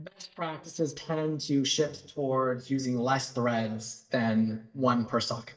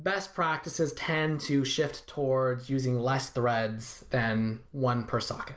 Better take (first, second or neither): second